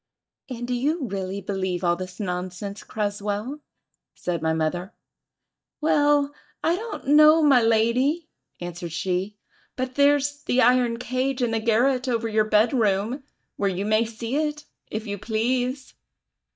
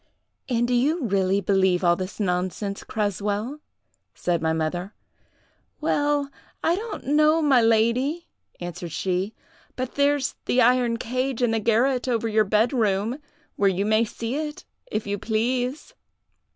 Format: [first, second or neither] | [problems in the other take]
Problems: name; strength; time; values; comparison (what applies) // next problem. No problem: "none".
second | noise reduction (neural mask model DeepFilterNet 3)